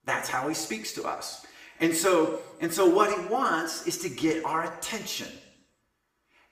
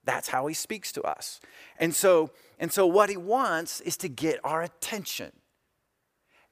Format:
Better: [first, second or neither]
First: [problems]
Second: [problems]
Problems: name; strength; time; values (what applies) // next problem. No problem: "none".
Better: second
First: room echo; slight; dies away in 0.8 s // off-mic speech; somewhat distant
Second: none